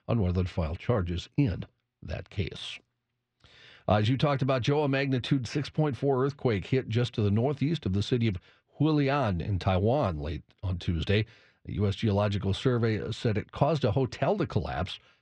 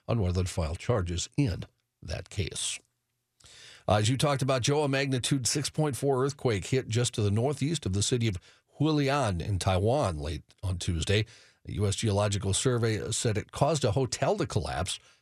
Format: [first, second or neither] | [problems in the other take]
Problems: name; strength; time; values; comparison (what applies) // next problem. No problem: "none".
second | muffled; slightly; fading above 3.5 kHz